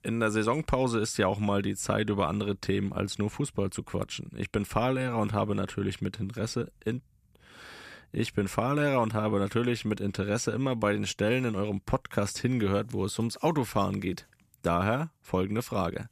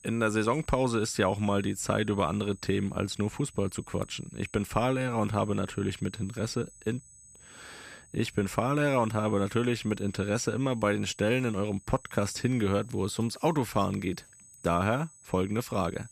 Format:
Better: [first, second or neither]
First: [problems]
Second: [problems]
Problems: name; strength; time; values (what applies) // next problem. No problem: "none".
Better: first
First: none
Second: high-pitched whine; faint; throughout; 8 kHz, 25 dB below the speech